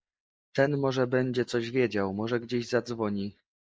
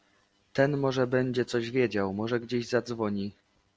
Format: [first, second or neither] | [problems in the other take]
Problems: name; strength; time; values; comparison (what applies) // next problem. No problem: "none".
second | noise reduction (neural mask model Resemble Enhance denoiser)